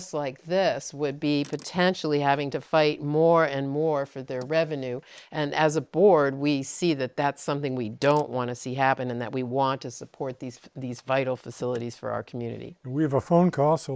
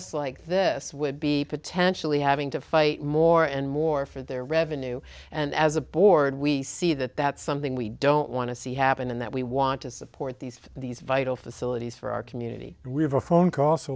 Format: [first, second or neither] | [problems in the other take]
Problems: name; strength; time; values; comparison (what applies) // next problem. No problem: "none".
second | noise reduction (neural mask model Resemble Enhance denoiser)